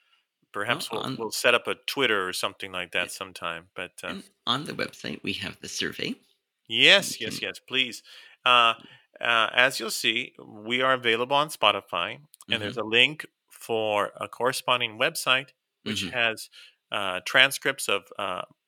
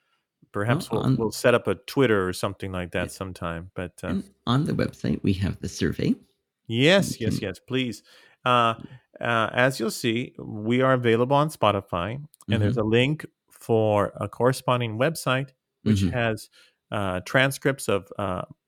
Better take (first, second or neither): second